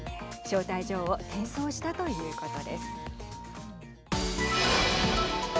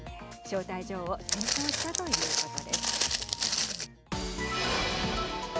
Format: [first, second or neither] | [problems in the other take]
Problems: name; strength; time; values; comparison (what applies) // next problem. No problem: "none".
first | background sound (Walk, footsteps); 3 dB above the speech